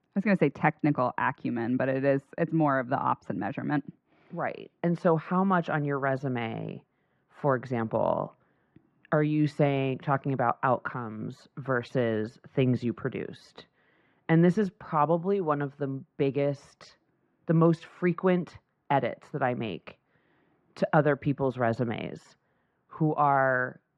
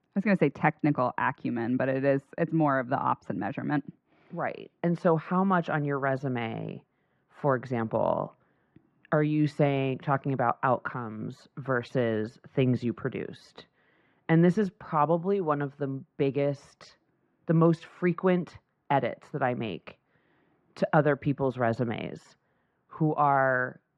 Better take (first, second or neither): neither